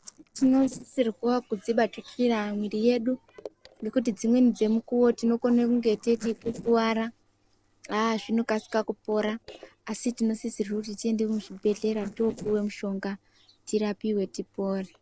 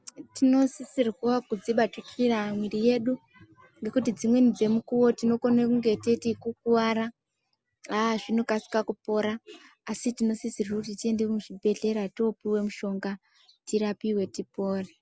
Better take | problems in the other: second | noise reduction (neural separator model SepFormer DNS4)

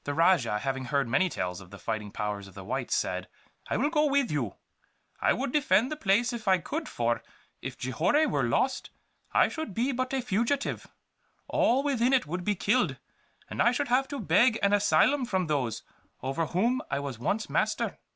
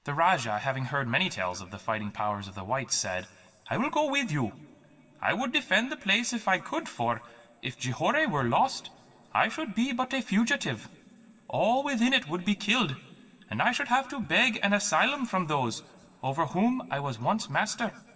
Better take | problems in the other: first | room echo; dies away in 2.4 s

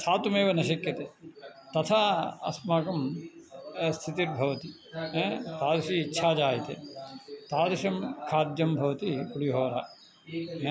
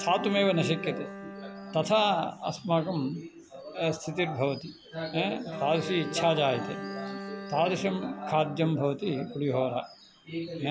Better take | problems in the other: first | background sound (Bowed string instrument); 13 dB below the speech

